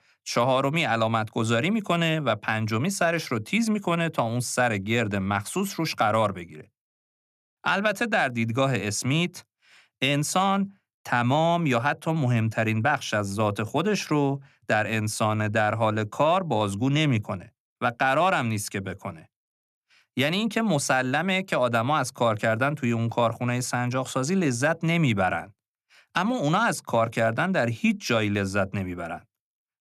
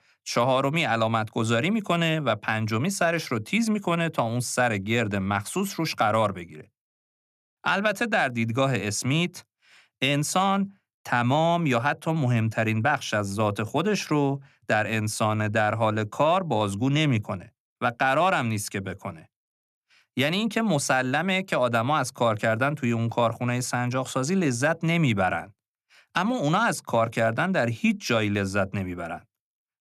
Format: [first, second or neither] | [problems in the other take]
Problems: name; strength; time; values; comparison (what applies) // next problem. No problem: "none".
neither | none